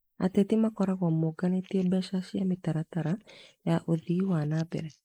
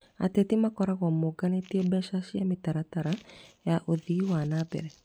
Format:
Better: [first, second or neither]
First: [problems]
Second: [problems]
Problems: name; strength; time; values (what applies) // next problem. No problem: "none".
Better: second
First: noise reduction (neural mask model Resemble Enhance denoiser)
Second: none